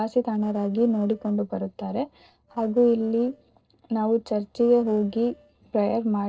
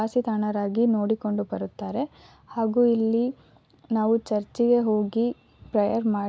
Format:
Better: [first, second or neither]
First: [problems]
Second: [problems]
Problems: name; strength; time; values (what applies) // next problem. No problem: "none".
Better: second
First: noise reduction (neural separator model SepFormer DNS4)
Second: none